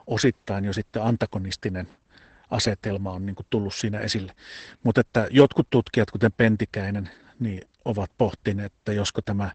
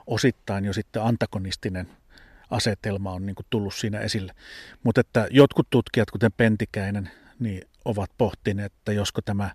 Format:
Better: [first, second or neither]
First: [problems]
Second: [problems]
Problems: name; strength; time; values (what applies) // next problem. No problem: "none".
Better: second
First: garbled, watery; badly; nothing above 8 kHz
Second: none